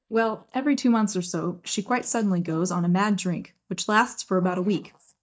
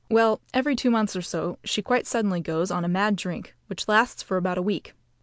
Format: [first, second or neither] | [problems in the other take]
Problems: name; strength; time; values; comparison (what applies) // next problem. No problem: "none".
second | noise reduction (neural mask model DeepFilterNet 3)